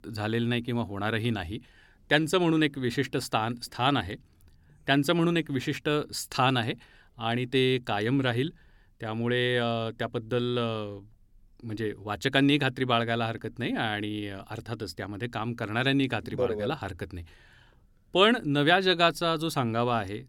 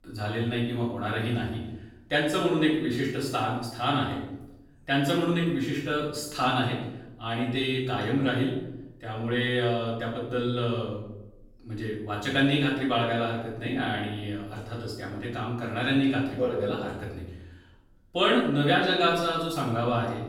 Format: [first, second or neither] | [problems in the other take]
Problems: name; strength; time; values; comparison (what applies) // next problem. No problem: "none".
first | off-mic speech; far // room echo; noticeable; dies away in 0.7 s